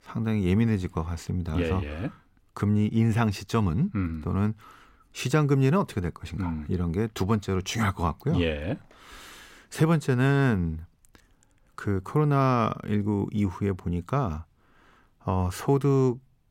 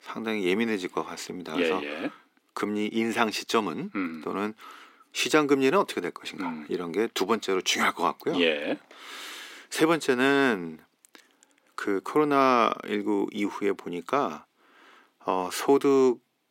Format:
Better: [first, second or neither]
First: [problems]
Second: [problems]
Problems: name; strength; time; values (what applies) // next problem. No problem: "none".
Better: first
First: none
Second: thin; somewhat; fading below 300 Hz